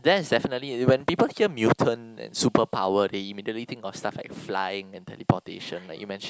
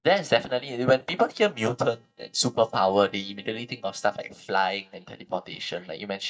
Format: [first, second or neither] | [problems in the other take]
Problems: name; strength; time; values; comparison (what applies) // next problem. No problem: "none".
first | noise reduction (neural mask model DeepFilterNet 3)